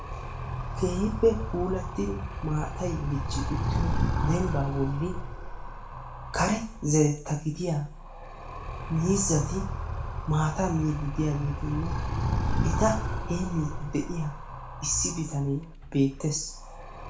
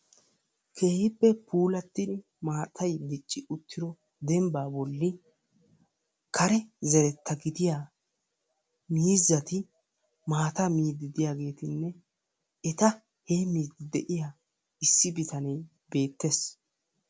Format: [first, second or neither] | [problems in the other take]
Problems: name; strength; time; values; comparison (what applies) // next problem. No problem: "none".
second | background sound (Animal); 2 dB below the speech // room echo; dies away in 0.4 s